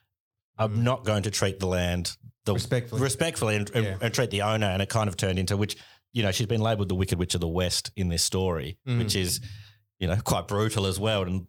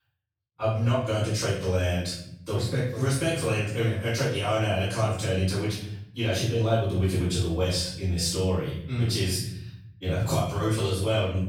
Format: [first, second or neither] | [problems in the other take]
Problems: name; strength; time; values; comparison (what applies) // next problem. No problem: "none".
first | off-mic speech; far // room echo; noticeable; dies away in 0.7 s